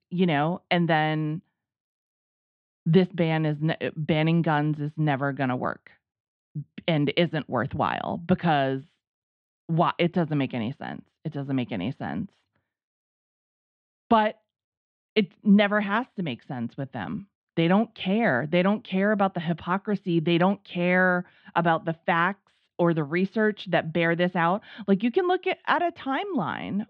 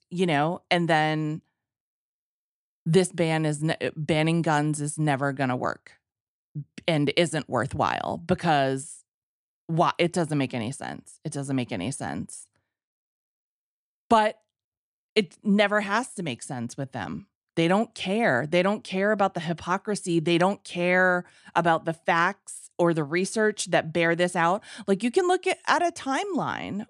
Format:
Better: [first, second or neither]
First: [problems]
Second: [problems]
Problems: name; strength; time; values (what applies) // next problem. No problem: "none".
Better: second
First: muffled; slightly; fading above 3.5 kHz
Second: none